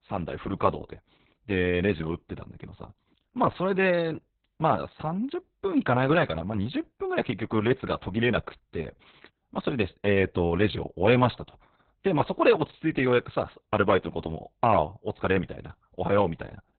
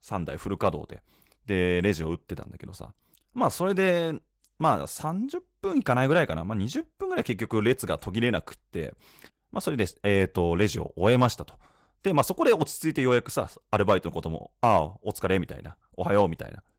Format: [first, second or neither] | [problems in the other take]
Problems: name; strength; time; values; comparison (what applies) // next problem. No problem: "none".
second | garbled, watery; badly; nothing above 4 kHz; slightly in the second